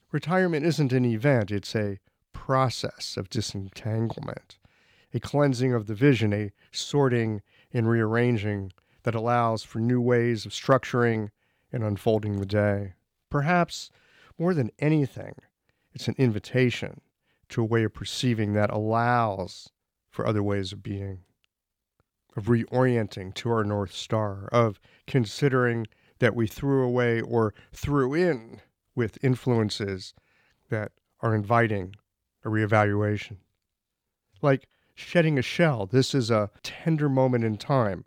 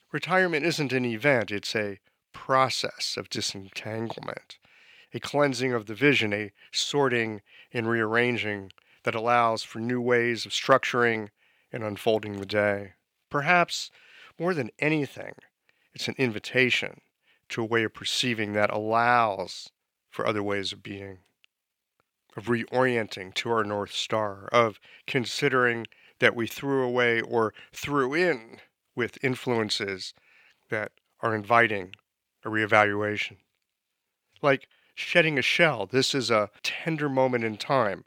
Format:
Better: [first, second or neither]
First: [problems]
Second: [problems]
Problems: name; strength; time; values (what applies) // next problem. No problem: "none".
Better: first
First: none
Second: thin; somewhat; fading below 500 Hz